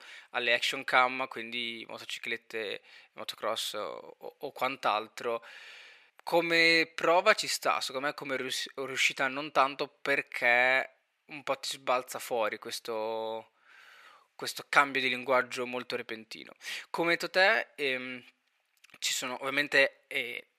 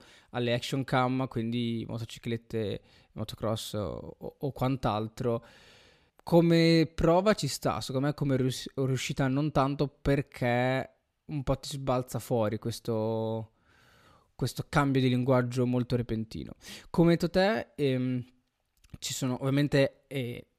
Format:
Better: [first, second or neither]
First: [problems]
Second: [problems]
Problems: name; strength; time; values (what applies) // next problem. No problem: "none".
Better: second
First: thin; very; fading below 600 Hz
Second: none